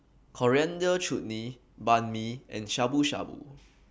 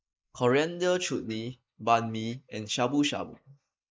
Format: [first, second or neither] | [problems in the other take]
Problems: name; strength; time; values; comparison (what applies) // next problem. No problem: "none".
first | noise reduction (neural mask model Resemble Enhance denoiser)